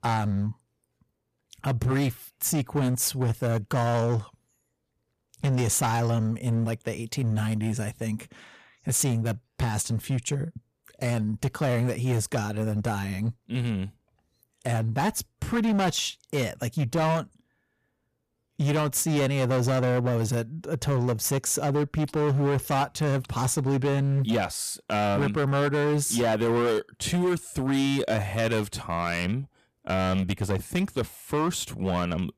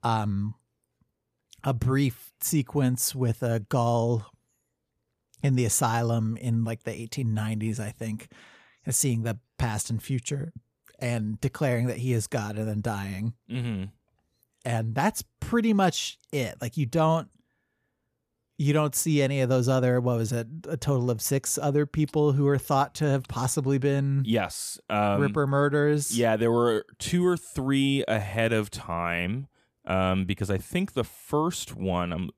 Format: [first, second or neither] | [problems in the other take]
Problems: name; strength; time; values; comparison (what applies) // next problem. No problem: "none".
second | distortion; slight; 14% of the sound clipped